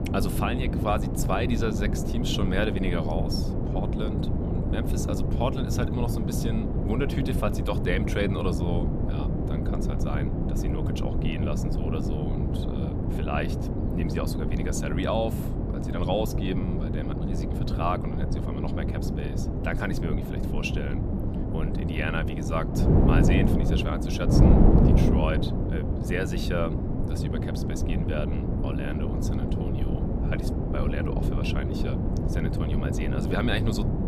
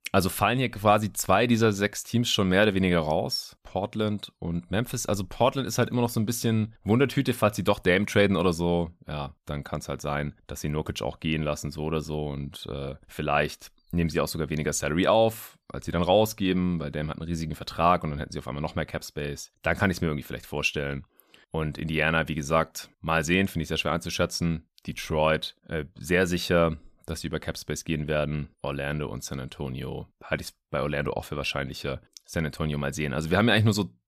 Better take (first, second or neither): second